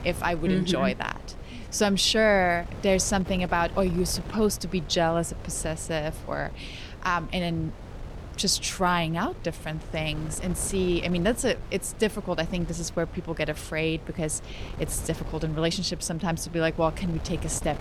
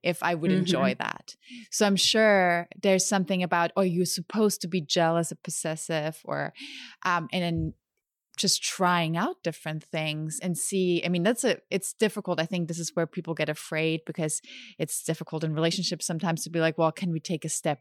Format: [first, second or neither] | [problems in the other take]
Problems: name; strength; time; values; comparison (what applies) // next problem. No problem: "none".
second | wind noise on the microphone; occasional gusts; 20 dB below the speech